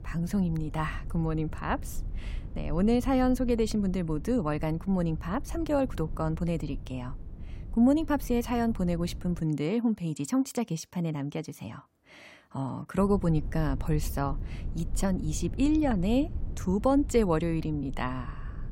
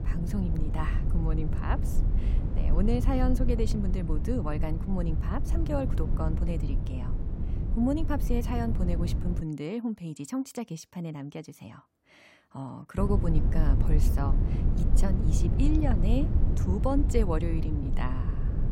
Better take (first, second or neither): first